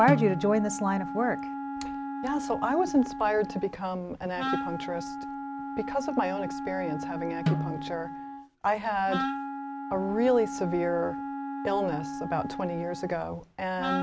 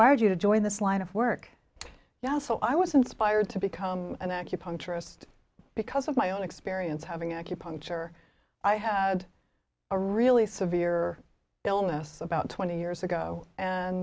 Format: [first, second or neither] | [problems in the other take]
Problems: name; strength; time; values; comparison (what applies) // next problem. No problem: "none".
second | background sound (Snare drum + Wind instrument, woodwind instrument); 5 dB below the speech